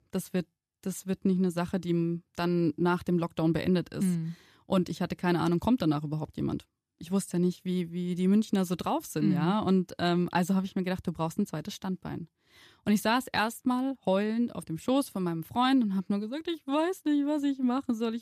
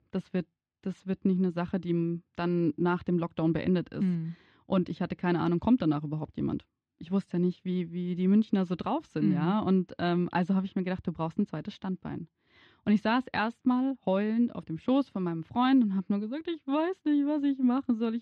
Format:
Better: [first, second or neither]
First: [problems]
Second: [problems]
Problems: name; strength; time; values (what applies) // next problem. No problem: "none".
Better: first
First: none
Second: muffled; slightly; fading above 3.5 kHz